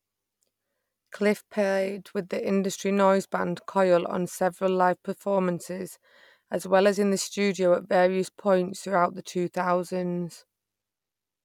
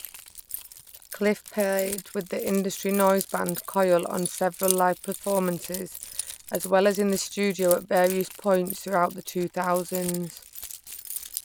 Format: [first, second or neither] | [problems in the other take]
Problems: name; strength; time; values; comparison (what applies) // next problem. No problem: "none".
first | background sound (Keys jangling); 12 dB below the speech